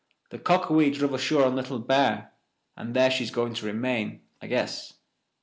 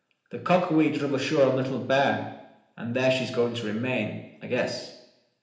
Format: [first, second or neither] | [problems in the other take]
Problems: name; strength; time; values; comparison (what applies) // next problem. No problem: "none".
first | room echo; dies away in 0.8 s